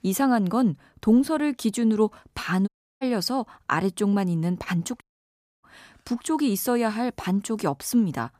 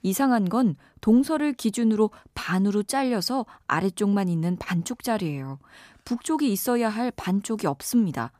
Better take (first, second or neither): second